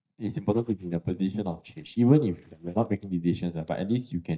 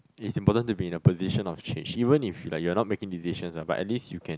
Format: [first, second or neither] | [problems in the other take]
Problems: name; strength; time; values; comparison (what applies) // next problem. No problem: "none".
second | noise reduction (neural mask model DeepFilterNet 3)